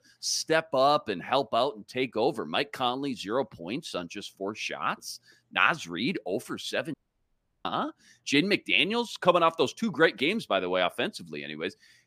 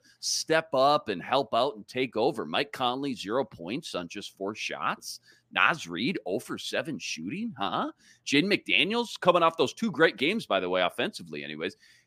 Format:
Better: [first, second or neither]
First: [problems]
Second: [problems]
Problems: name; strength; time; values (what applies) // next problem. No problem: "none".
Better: second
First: audio cutting out; at 7 s for 0.5 s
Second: none